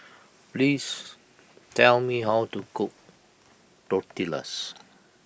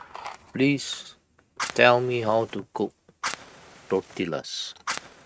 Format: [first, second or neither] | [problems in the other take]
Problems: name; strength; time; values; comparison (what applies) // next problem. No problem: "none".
first | noise reduction (neural mask model RNNoise)